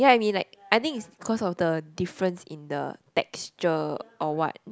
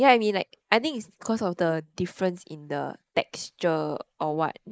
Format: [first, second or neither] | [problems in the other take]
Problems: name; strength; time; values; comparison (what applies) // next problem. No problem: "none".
first | noise reduction (neural mask model Resemble Enhance denoiser)